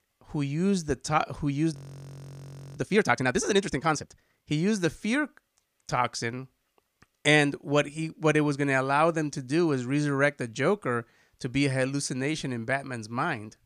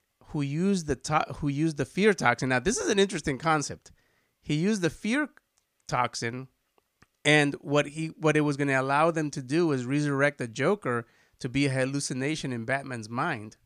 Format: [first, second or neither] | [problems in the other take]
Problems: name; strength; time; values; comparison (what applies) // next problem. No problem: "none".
second | audio freezing; at 1.5 s for 1 s